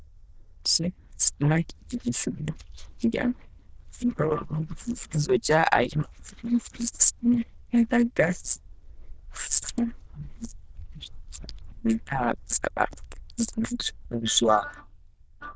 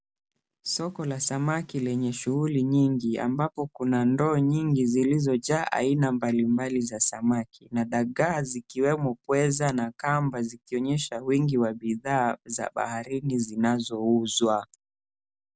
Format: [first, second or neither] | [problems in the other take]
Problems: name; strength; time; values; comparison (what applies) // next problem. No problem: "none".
second | noise reduction (neural diffusion model UNIVERSE++)